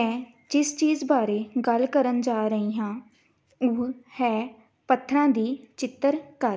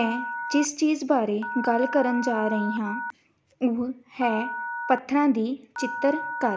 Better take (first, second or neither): first